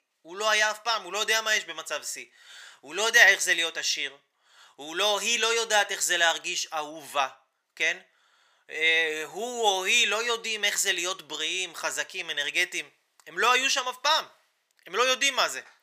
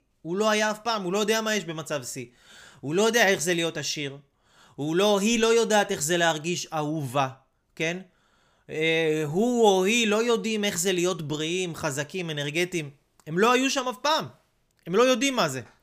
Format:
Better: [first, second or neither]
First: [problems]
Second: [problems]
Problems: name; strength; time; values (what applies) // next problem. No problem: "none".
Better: second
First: thin; very; fading below 700 Hz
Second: none